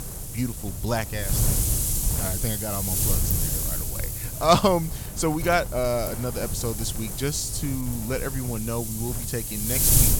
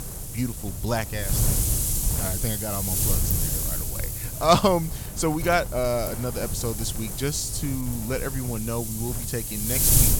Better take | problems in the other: neither | wind noise on the microphone; heavy; 4 dB below the speech; the same in both

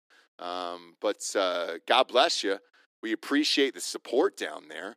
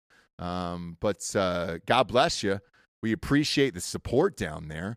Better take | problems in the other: second | thin; very slightly; fading below 300 Hz

